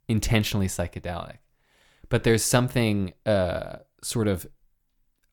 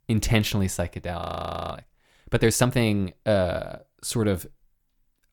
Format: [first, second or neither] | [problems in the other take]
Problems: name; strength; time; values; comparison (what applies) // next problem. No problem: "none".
first | audio freezing; at 1 s for 0.5 s